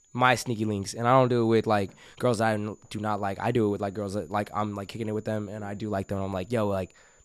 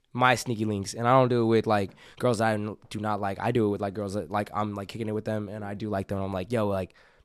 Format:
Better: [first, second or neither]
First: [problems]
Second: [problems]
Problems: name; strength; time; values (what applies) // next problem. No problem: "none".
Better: second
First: high-pitched whine; faint; throughout; 7 kHz, 35 dB below the speech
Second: none